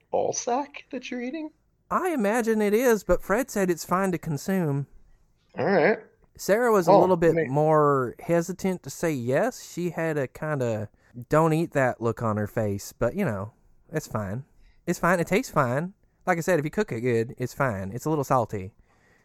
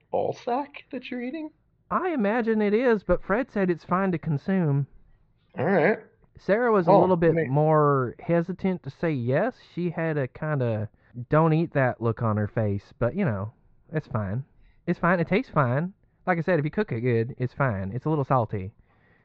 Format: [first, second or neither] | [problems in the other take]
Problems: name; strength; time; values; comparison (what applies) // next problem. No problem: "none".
first | muffled; very; fading above 4 kHz